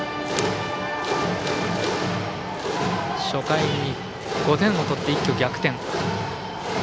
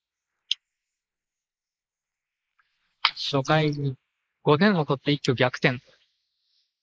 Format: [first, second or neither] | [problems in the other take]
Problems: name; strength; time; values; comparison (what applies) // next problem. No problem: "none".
first | noise reduction (neural mask model Resemble Enhance denoiser)